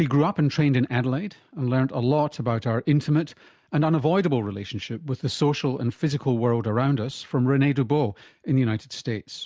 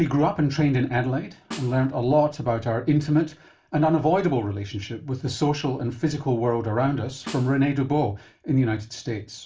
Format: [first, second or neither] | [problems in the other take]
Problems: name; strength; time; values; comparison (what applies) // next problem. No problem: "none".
first | background sound (Snare drum); 19 dB below the speech // room echo; dies away in 0.2 s